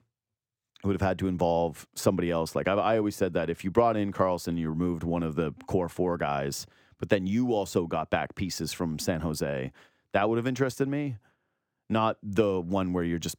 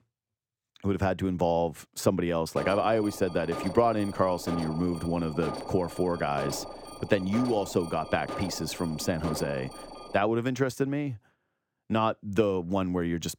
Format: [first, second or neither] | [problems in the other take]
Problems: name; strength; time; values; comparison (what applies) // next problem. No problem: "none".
first | alarm; noticeable; from 2.5 to 10 s; peak 8 dB below the speech